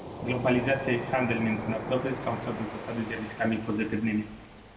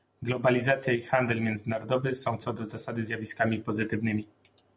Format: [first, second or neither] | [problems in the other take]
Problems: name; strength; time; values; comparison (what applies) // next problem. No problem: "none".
second | background sound (Waves, surf); 9 dB below the speech // room echo; dies away in 1 s